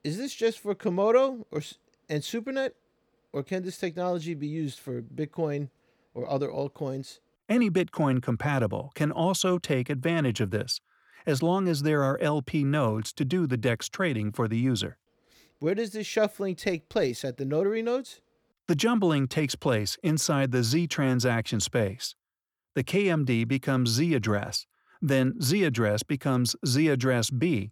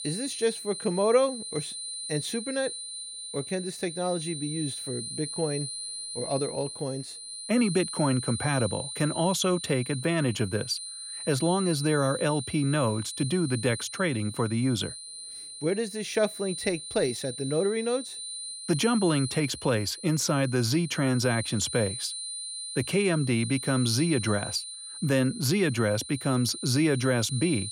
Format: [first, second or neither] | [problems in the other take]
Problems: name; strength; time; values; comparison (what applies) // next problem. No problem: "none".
first | high-pitched whine; loud; throughout; 9.5 kHz, 8 dB below the speech